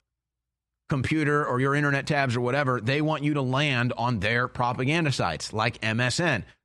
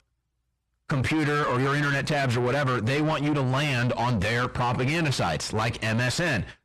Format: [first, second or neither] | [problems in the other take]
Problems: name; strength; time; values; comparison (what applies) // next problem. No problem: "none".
first | distortion; heavy; 6 dB below the speech